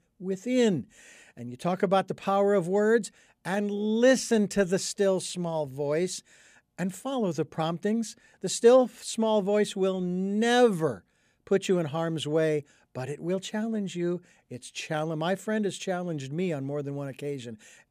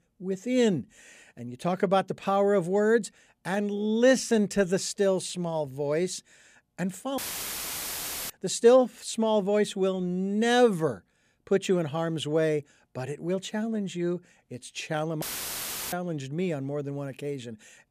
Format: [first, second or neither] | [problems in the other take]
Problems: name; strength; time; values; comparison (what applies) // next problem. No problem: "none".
first | audio cutting out; filled with static; at 7 s for 1 s and at 15 s for 0.5 s